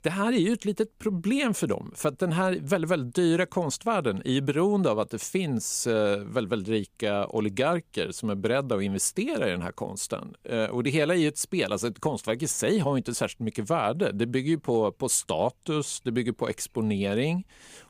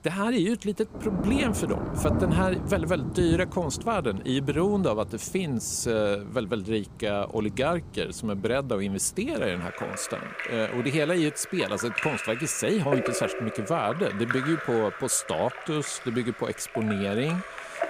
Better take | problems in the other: first | rain or running water; loud; throughout; 7 dB below the speech

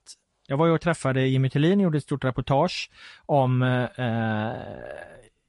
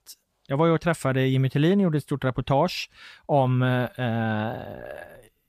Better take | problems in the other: second | garbled, watery; slightly; nothing above 10.5 kHz

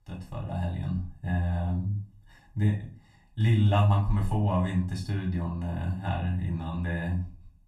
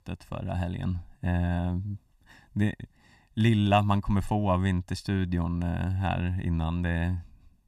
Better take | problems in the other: second | off-mic speech; far // room echo; slight; dies away in 0.3 s

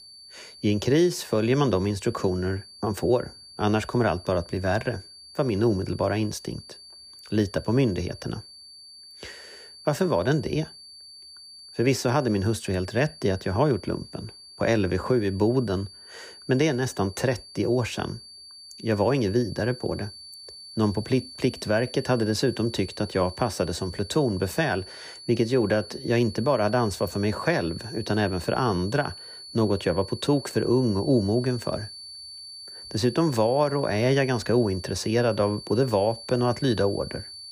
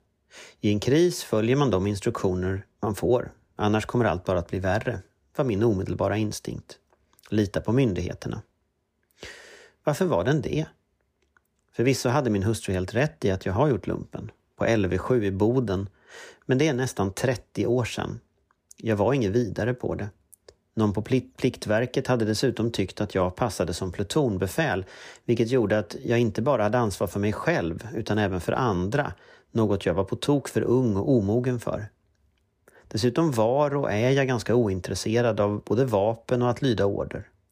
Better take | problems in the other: second | high-pitched whine; noticeable; throughout; 4.5 kHz, 15 dB below the speech

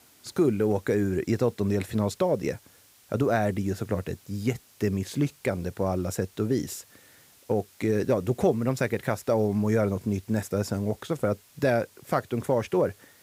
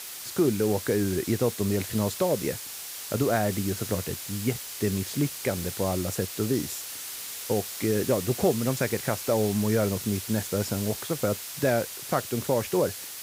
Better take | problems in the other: first | hiss; loud; throughout; 7 dB below the speech; faint in the first

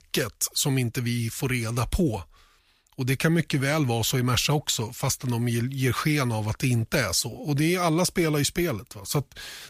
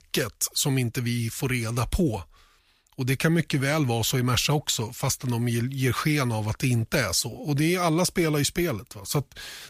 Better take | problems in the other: neither | none

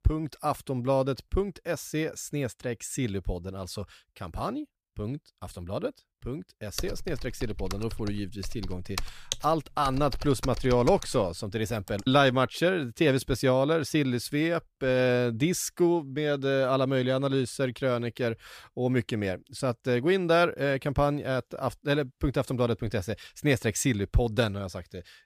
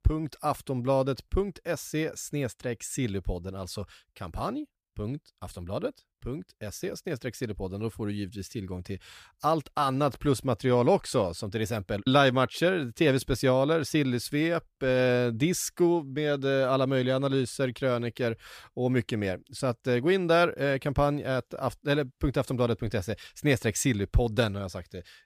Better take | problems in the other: second | keyboard typing; noticeable; from 7 to 12 s; peak 7 dB below the speech

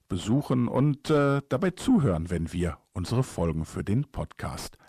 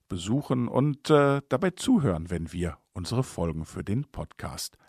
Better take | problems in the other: second | distortion; slight; 10 dB below the speech

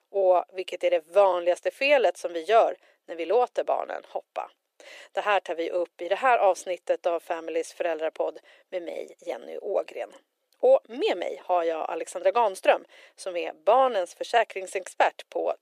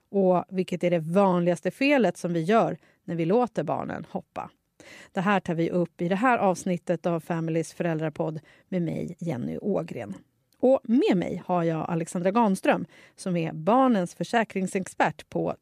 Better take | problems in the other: second | thin; very; fading below 400 Hz

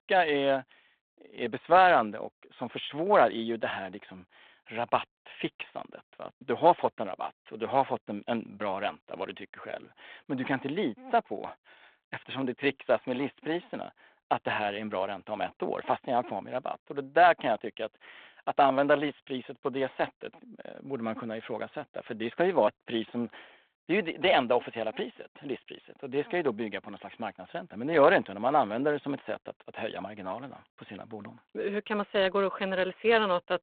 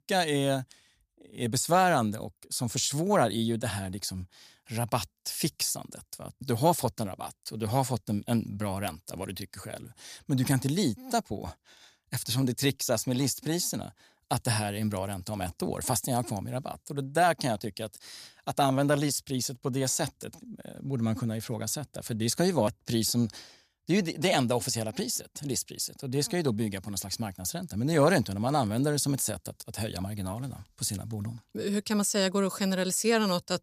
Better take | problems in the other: second | phone-call audio; nothing above 3.5 kHz

